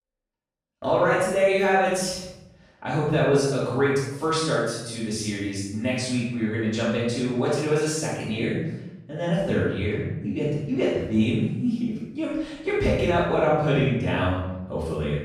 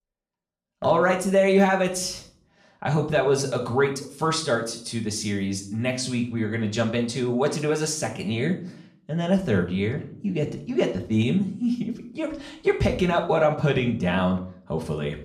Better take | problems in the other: second | room echo; strong; dies away in 0.9 s; slight in the second // off-mic speech; far; somewhat distant in the second

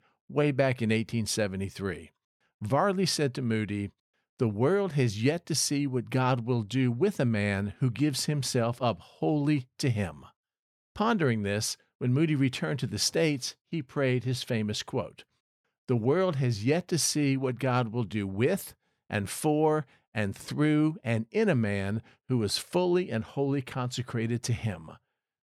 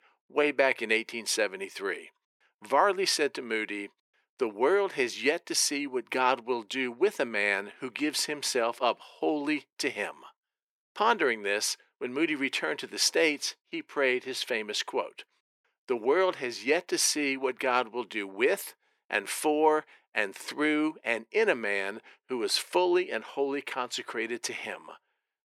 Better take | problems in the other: first | thin; somewhat; fading below 350 Hz

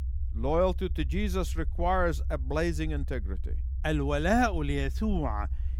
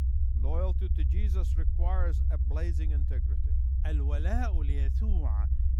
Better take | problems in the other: first | low rumble; loud; throughout; 5 dB below the speech; faint in the first

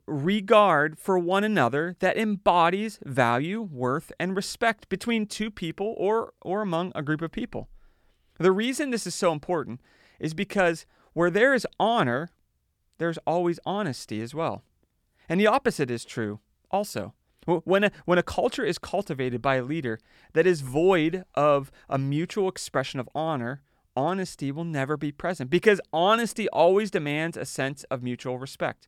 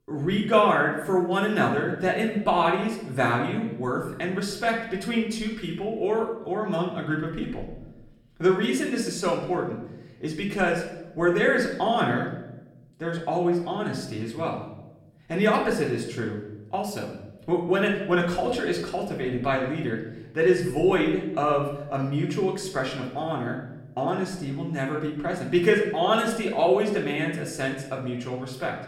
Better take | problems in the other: first | room echo; slight; dies away in 0.8 s // off-mic speech; far

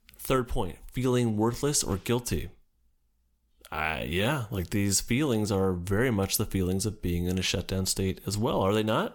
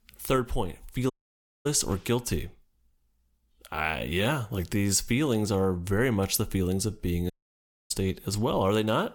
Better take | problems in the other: first | audio cutting out; at 1 s for 0.5 s and at 7.5 s for 0.5 s

